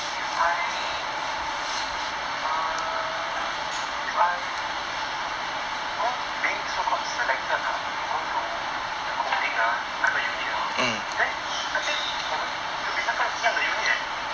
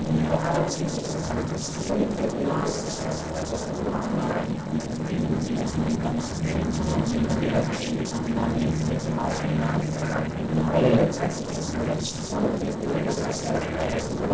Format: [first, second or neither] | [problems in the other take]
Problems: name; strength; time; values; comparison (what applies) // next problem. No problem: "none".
first | noise reduction (neural separator model SepFormer DNS4)